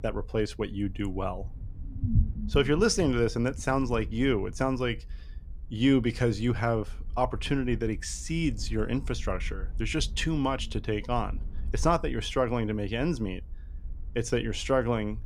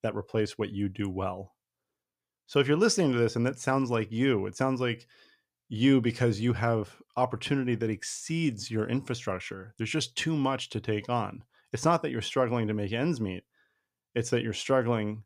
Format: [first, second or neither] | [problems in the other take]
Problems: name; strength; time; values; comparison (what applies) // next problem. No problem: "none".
second | low rumble; faint; throughout; 20 dB below the speech